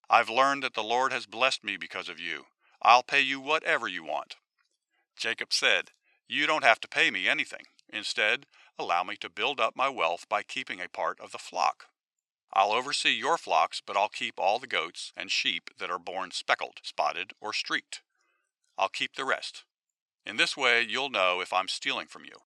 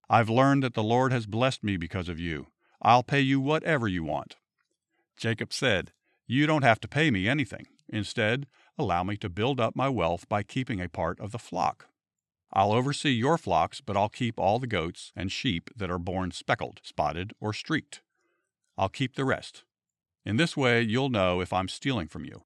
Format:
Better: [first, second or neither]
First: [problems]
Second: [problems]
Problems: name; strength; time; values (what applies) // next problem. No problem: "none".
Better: second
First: thin; very; fading below 650 Hz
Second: none